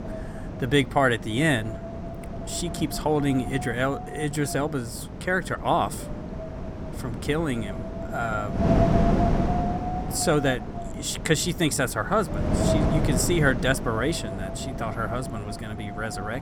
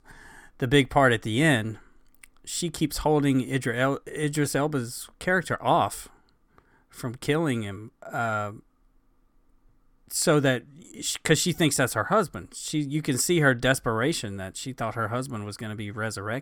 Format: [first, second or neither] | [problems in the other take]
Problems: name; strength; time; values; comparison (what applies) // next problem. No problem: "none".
second | wind noise on the microphone; heavy; 6 dB below the speech